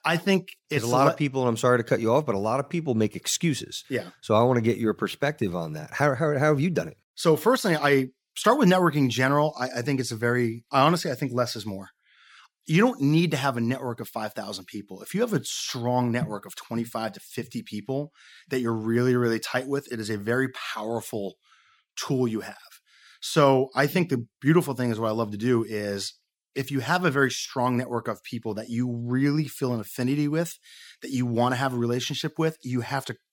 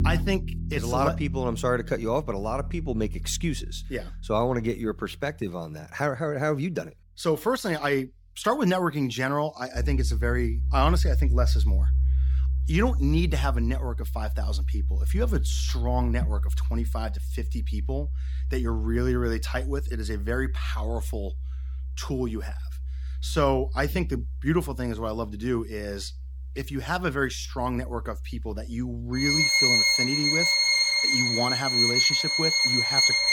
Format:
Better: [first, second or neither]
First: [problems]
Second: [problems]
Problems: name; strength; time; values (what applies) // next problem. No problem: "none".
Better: first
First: none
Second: background music; very loud; throughout; 4 dB above the speech